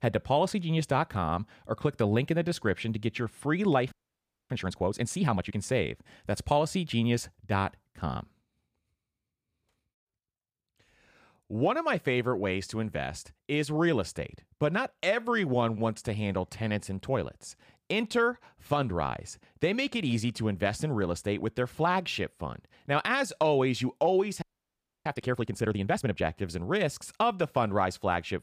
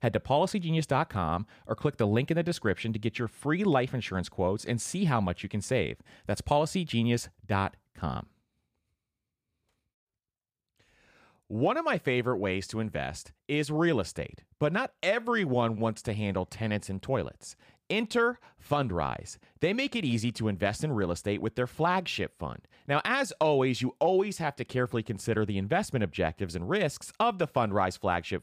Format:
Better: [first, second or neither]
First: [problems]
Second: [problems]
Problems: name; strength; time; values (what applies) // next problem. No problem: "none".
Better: second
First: audio freezing; at 4 s for 0.5 s and at 24 s for 0.5 s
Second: none